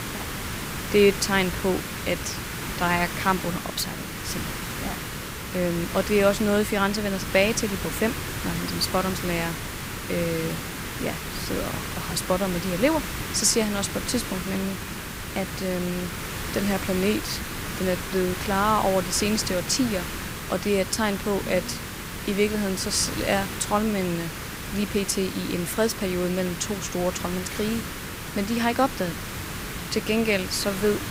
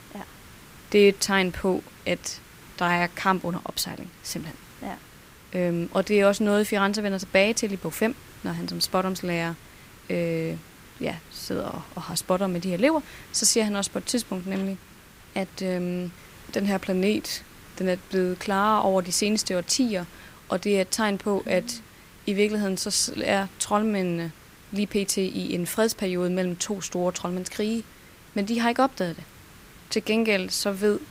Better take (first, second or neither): second